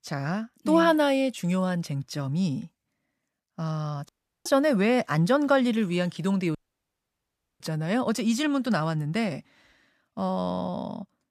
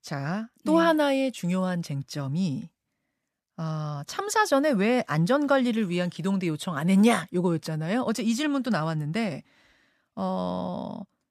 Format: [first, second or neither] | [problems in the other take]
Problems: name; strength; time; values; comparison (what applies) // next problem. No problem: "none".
second | audio cutting out; at 4 s and at 6.5 s for 1 s